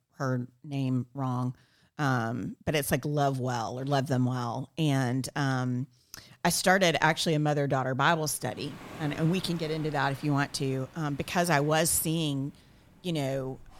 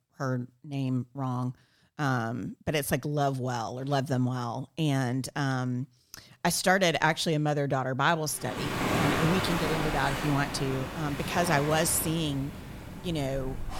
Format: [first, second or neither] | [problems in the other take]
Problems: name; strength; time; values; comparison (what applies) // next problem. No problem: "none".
first | rain or running water; loud; from 8.5 s on; 4 dB below the speech; faint in the first